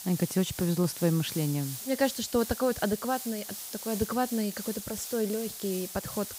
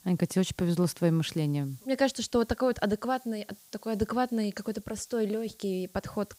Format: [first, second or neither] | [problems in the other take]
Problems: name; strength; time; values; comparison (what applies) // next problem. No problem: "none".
second | hiss; loud; throughout; 8 dB below the speech; faint in the second